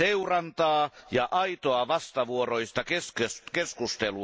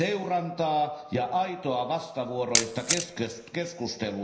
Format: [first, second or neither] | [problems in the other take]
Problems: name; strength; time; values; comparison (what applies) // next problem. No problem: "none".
first | background sound (Camera); 1 dB below the speech // room echo; dies away in 0.9 s